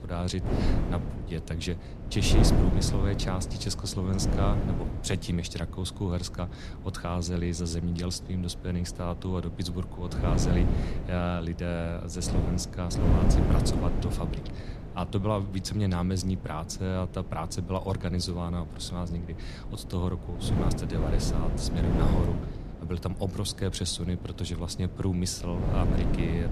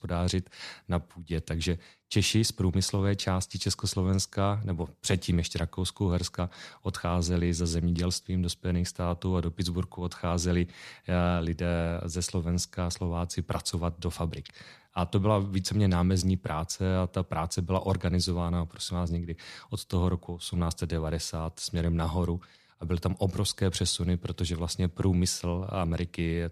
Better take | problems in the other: second | wind noise on the microphone; heavy; 4 dB below the speech

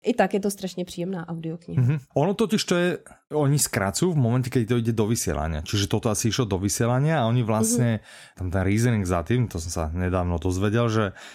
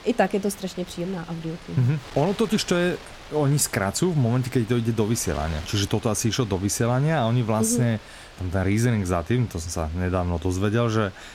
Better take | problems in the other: first | wind noise on the microphone; occasional gusts; 15 dB below the speech

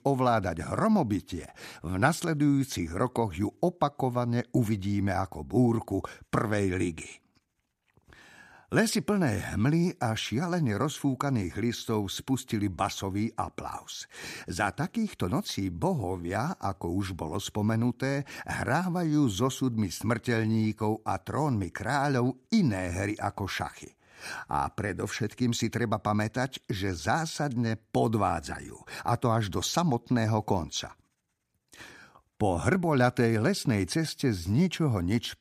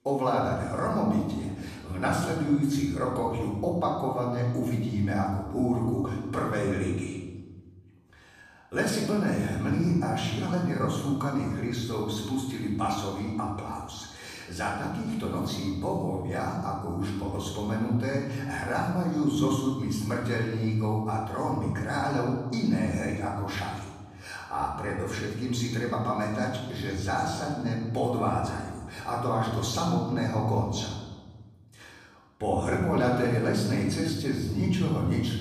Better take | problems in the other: first | room echo; noticeable; dies away in 1.2 s // off-mic speech; far

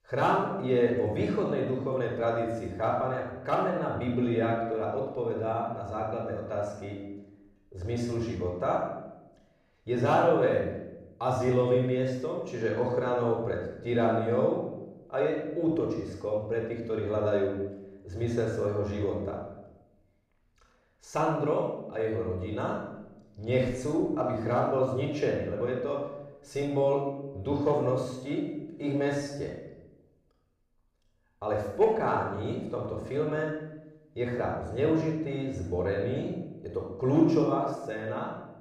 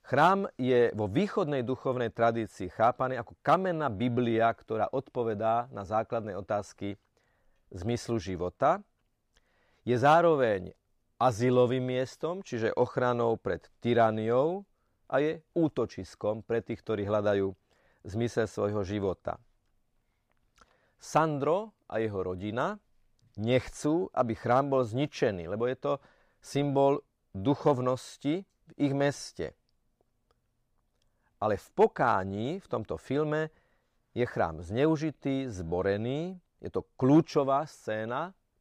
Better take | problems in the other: second | off-mic speech; somewhat distant // room echo; noticeable; dies away in 0.9 s

